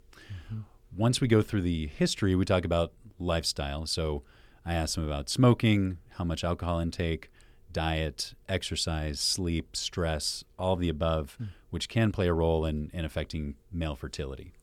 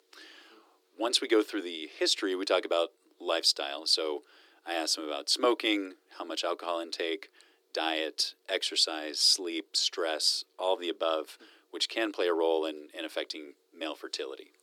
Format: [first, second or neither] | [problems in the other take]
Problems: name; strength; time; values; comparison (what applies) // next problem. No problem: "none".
first | thin; very; fading below 300 Hz